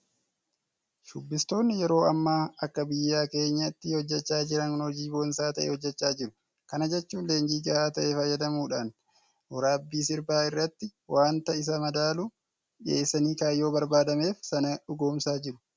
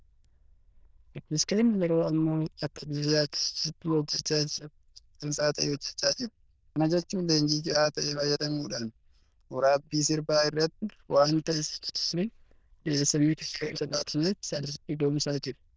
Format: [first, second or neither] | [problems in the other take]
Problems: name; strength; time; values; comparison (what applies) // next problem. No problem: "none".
first | noise reduction (neural diffusion model UNIVERSE++)